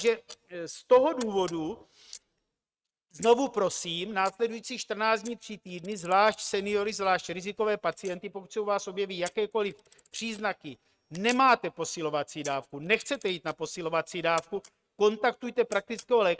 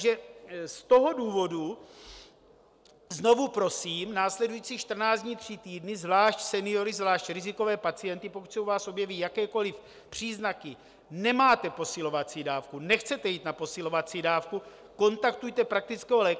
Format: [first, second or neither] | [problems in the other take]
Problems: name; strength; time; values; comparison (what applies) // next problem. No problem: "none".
second | noise reduction (neural mask model RNNoise)